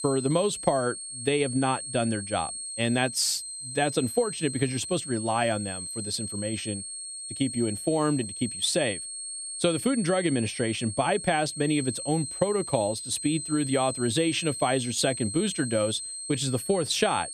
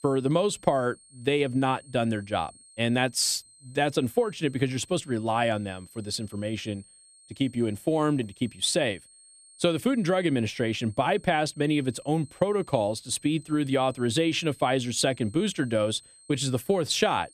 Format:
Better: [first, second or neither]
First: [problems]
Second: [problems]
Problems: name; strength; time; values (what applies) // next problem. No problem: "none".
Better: second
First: high-pitched whine; loud; throughout; 8.5 kHz, 7 dB below the speech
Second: high-pitched whine; faint; throughout; 8.5 kHz, 25 dB below the speech